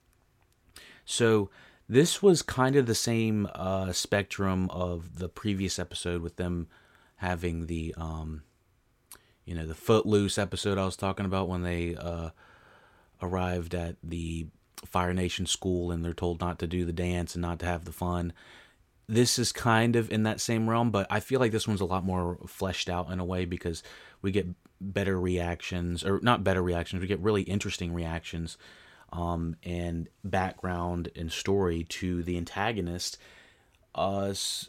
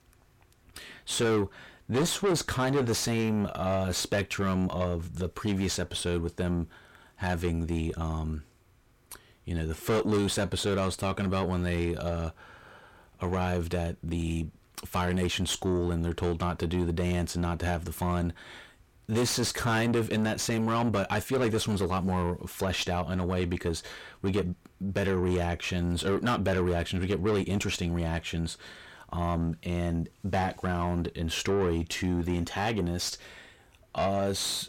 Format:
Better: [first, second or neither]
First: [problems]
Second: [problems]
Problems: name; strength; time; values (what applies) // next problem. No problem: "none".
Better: first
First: none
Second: distortion; heavy; 6 dB below the speech